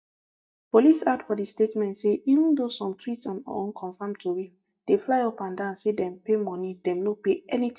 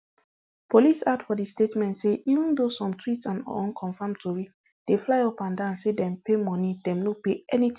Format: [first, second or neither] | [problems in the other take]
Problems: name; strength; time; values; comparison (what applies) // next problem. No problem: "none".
second | noise reduction (neural mask model DeepFilterNet 3)